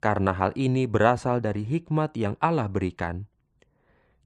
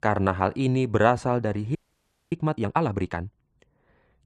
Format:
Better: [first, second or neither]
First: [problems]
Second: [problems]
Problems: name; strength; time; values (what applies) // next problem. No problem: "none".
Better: first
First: none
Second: audio freezing; at 2 s for 0.5 s